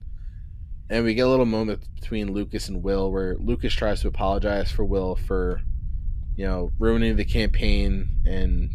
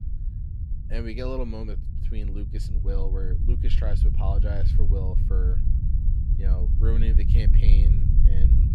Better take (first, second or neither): first